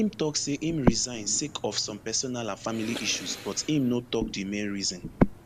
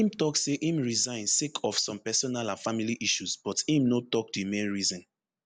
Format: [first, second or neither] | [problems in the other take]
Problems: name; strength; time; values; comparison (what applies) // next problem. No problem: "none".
second | background sound (Breathing); 3 dB below the speech